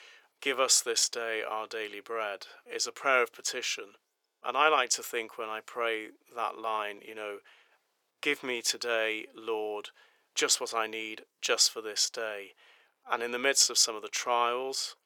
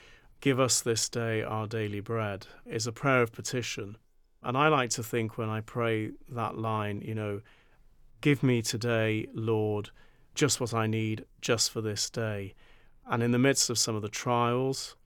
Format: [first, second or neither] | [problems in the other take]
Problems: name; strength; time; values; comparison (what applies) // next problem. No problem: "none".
second | thin; very; fading below 500 Hz